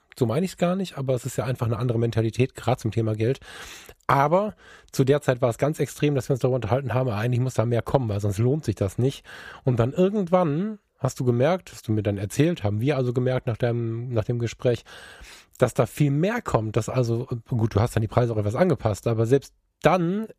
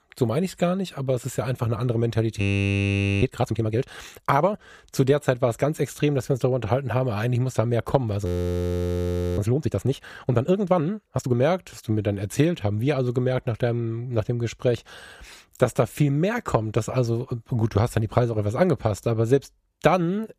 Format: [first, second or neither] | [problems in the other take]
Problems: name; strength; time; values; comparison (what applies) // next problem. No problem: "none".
first | audio freezing; at 2.5 s for 1 s and at 8.5 s for 1 s